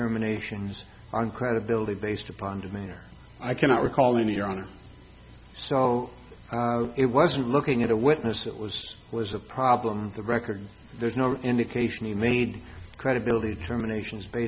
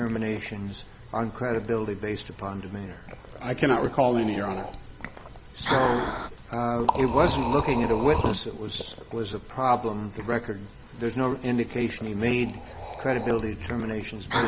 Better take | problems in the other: first | background sound (Liquid); 7 dB below the speech

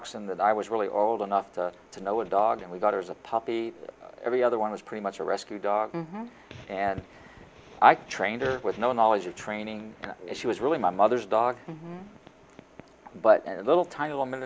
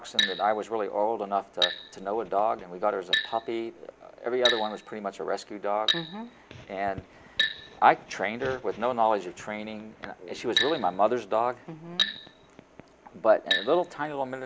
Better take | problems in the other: first | background sound (Glass); 5 dB below the speech

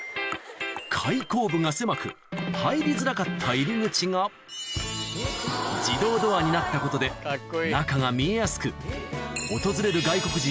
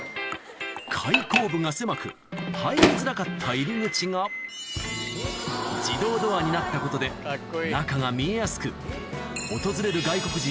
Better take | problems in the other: first | background sound (Microwave oven); 5 dB below the speech

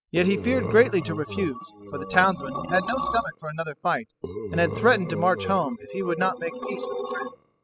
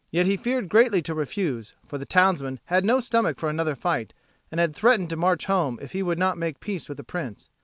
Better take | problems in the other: second | noise reduction (classical method spectral subtraction)

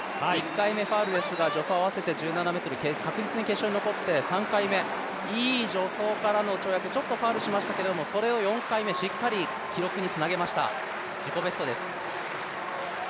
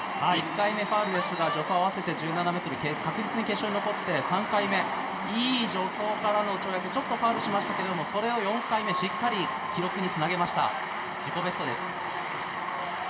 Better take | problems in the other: first | room echo; dies away in 1.4 s

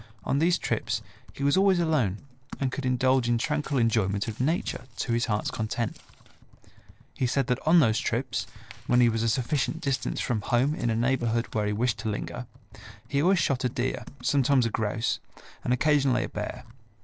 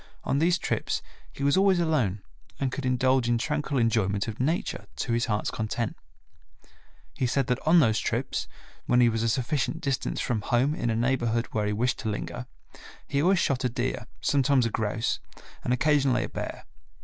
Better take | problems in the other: second | noise reduction (neural separator model SepFormer DNS4)

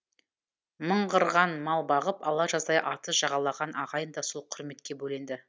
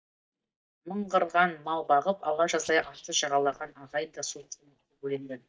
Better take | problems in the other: first | noise reduction (neural mask model DeepFilterNet 3)

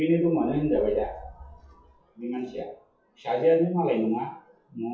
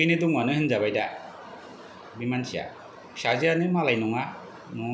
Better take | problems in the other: second | noise reduction (classical method WPE with log-MMSE)

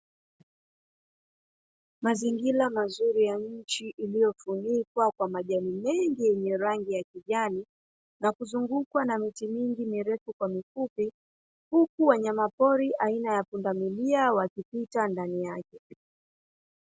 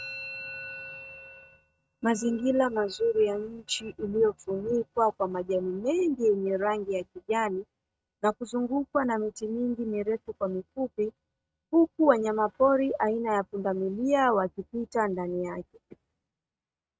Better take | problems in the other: first | noise reduction (neural mask model RNNoise)

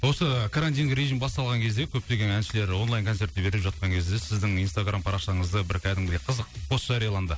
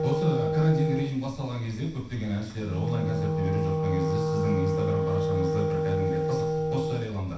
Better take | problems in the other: first | background sound (Wind instrument, woodwind instrument); 2 dB above the speech // room echo; dies away in 0.7 s

